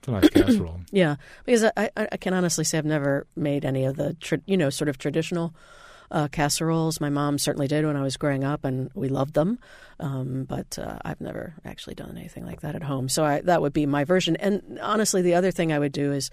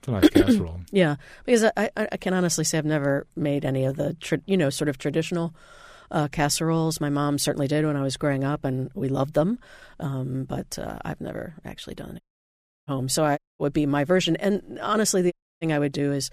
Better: first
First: none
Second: audio cutting out; at 12 s for 0.5 s, at 13 s and at 15 s

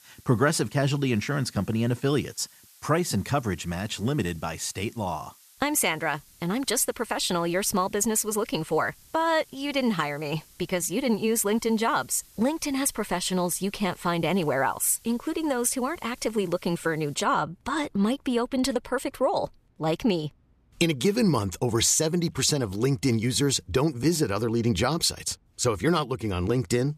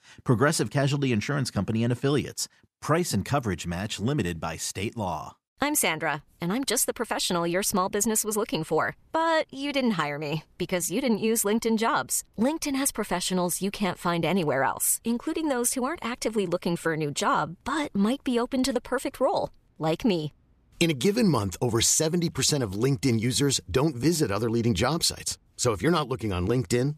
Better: second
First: hiss; faint; until 17 s; 25 dB below the speech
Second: none

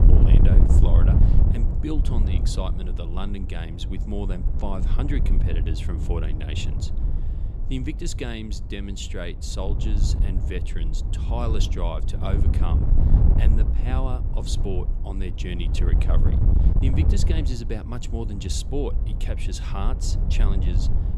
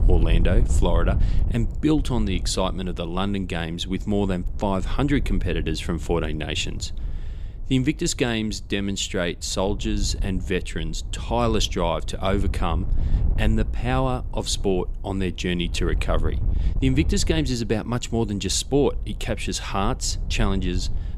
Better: second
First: wind noise on the microphone; heavy; 3 dB below the speech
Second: wind noise on the microphone; occasional gusts; 20 dB below the speech

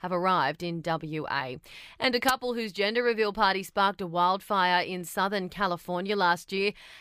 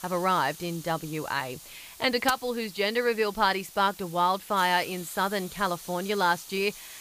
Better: first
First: none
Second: hiss; noticeable; throughout; 15 dB below the speech

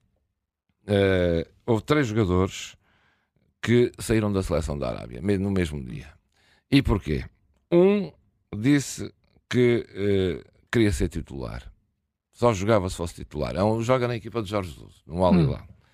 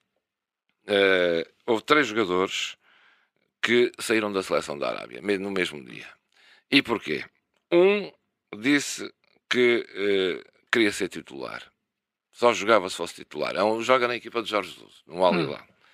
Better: first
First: none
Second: thin; somewhat; fading below 350 Hz

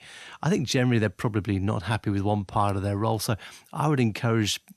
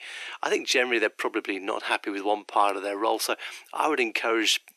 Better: first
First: none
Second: thin; very; fading below 350 Hz

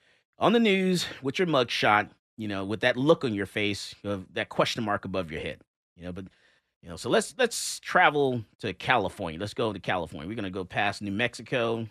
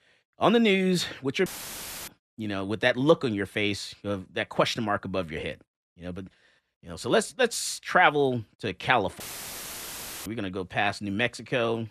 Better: first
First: none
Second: audio cutting out; filled with static; at 1.5 s for 0.5 s and at 9 s for 1 s

